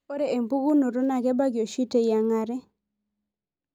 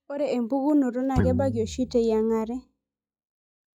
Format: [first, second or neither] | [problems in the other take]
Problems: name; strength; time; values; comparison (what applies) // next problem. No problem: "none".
first | noise reduction (classical method log-MMSE)